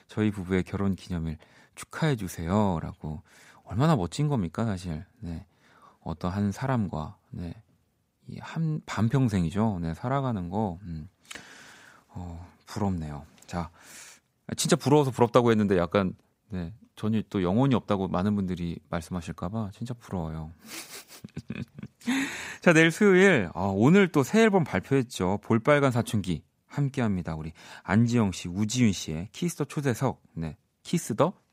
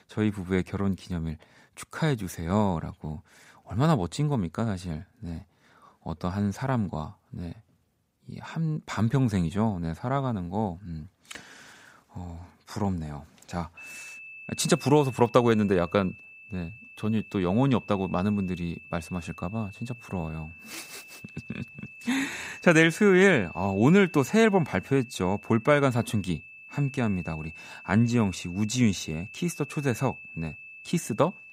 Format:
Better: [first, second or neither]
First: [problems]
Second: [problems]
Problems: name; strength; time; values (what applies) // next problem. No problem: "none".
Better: first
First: none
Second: high-pitched whine; noticeable; from 14 s on; 2.5 kHz, 15 dB below the speech